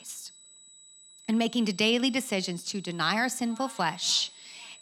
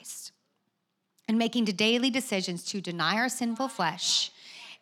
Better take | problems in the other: second | high-pitched whine; faint; throughout; 8 kHz, 20 dB below the speech

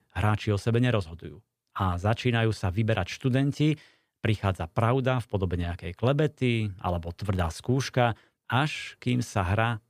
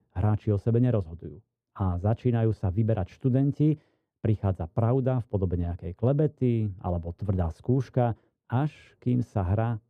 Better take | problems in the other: first | muffled; very; fading above 1 kHz

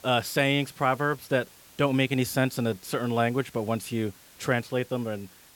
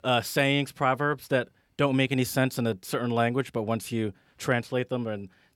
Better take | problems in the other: second | hiss; faint; throughout; 25 dB below the speech

